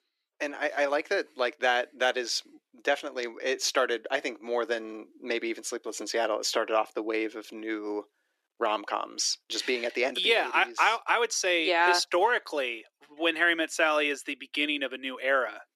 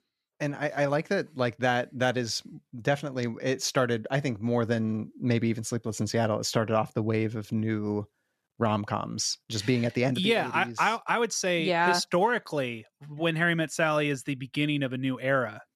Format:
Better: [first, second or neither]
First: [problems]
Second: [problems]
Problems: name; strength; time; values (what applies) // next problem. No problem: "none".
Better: second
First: thin; very; fading below 300 Hz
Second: none